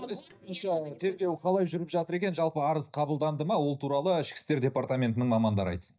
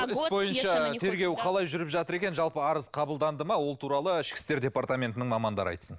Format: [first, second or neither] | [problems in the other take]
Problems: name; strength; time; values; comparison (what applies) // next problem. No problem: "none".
second | noise reduction (neural mask model DeepFilterNet 3)